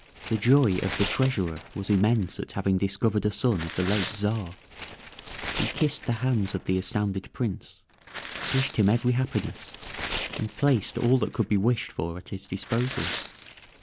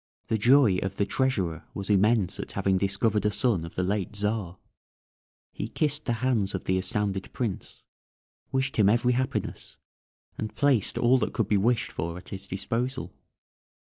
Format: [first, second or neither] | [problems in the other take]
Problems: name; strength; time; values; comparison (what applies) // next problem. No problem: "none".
second | background sound (Tearing); 12 dB below the speech